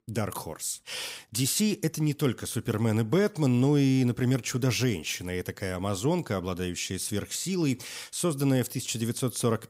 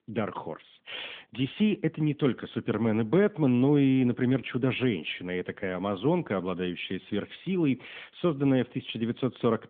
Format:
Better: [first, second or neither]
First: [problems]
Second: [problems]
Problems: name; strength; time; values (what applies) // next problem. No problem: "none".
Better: first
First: none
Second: phone-call audio; nothing above 3.5 kHz